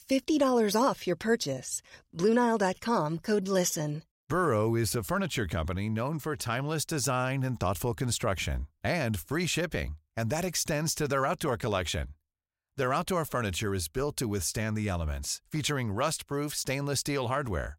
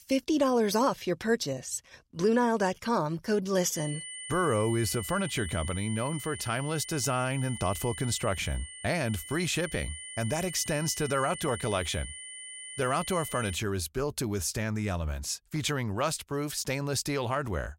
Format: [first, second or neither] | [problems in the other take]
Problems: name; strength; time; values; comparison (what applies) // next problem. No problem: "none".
first | high-pitched whine; loud; from 4 to 14 s; 9 kHz, 10 dB below the speech